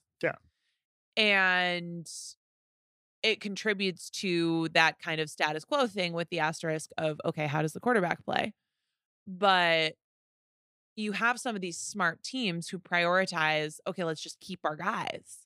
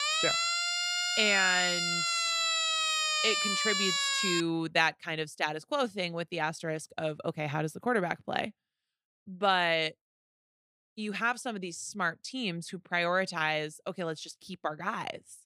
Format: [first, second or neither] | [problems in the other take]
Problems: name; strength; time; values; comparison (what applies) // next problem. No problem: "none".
first | siren; loud; until 4.5 s; peak 5 dB above the speech